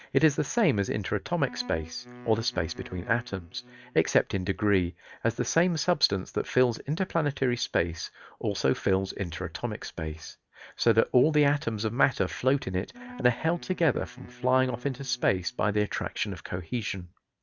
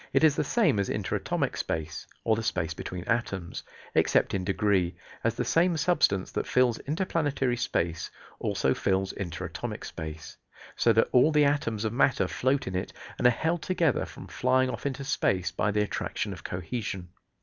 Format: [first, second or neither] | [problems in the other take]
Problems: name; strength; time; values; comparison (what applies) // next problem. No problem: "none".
second | noise reduction (neural mask model RNNoise)